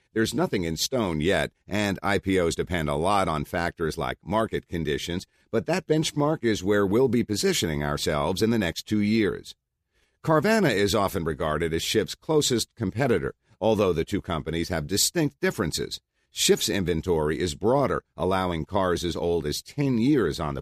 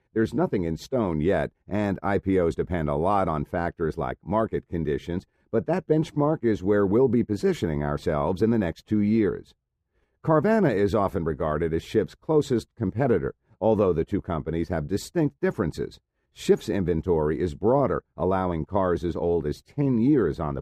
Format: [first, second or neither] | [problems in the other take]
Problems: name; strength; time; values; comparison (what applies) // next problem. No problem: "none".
first | muffled; very; fading above 2 kHz